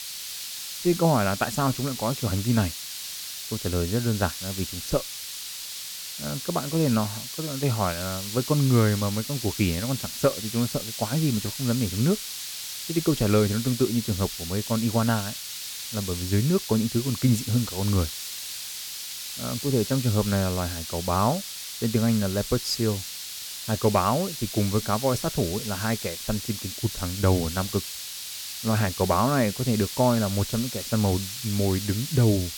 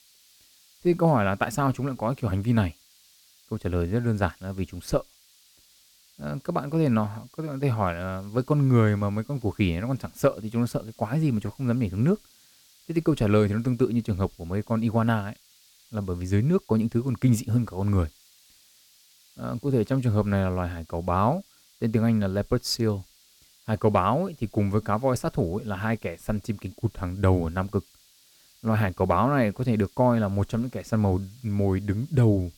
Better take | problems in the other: second | hiss; loud; throughout; 6 dB below the speech; faint in the second

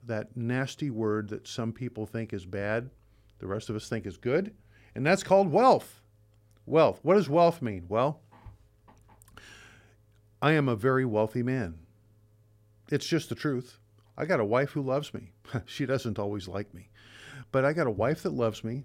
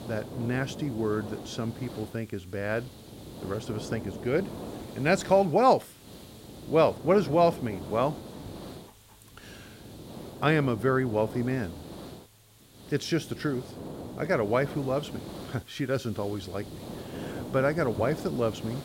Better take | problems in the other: first | hiss; noticeable; throughout; 15 dB below the speech

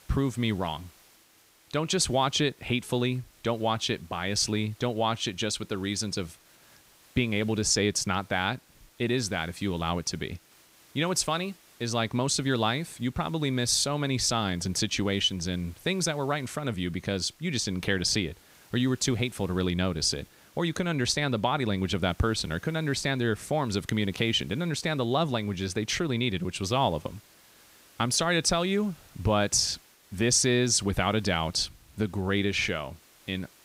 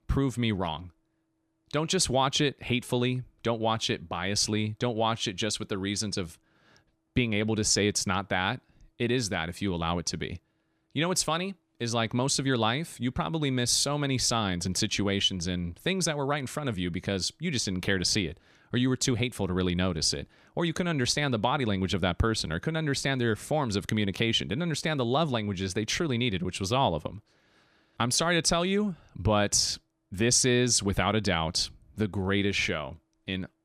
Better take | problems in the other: second | hiss; faint; throughout; 30 dB below the speech

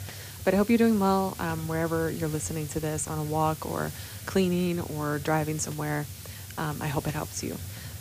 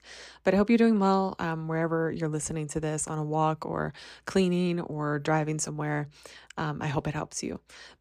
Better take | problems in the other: second | hiss; noticeable; throughout; 10 dB below the speech

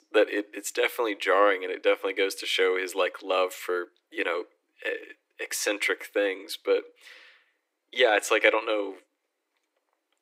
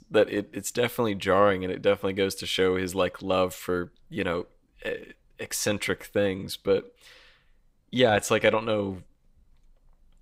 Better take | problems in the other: second | thin; somewhat; fading below 300 Hz

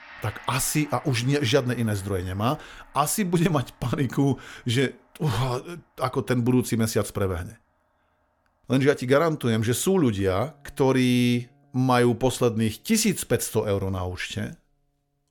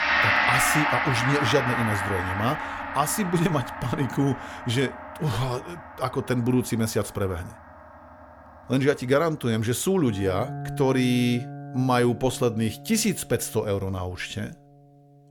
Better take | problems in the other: first | background music; loud; throughout; 2 dB below the speech; faint in the first

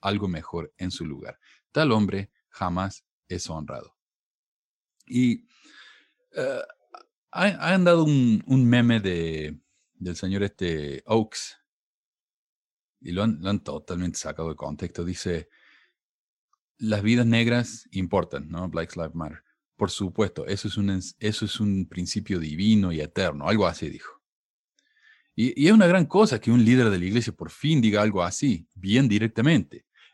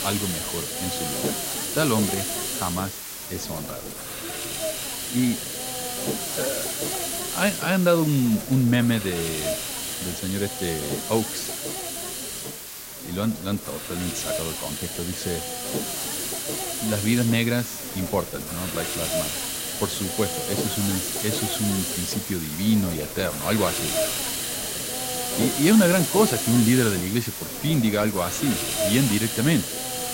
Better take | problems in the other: first | hiss; loud; throughout; 2 dB below the speech

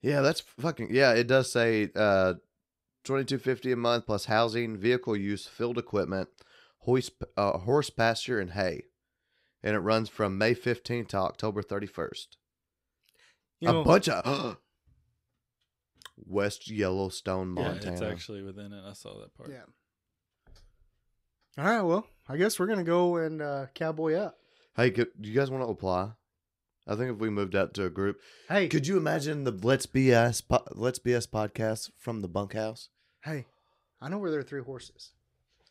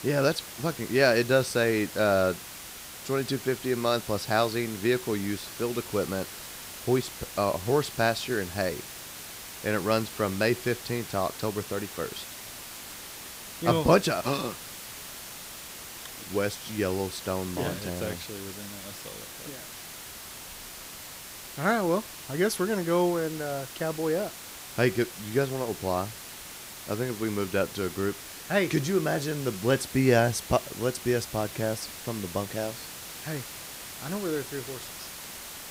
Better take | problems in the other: first | hiss; noticeable; throughout; 10 dB below the speech

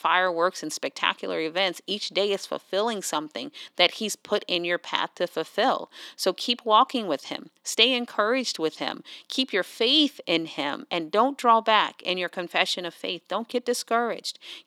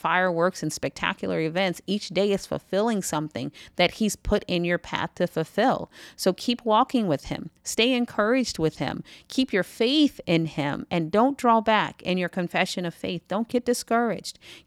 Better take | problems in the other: second | thin; very slightly; fading below 300 Hz

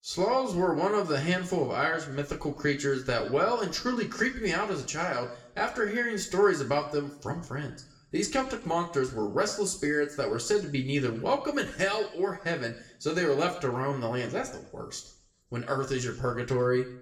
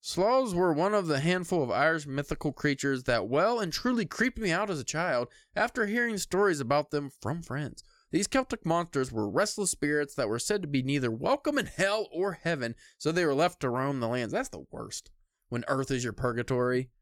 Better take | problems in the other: second | room echo; very slight; dies away in 0.6 s // off-mic speech; somewhat distant

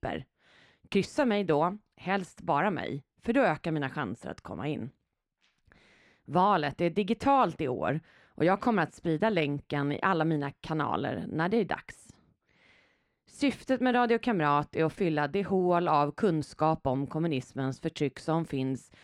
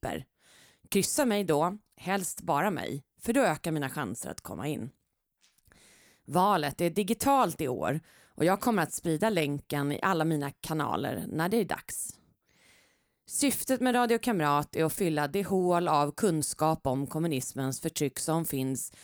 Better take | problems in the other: second | muffled; slightly; fading above 3 kHz

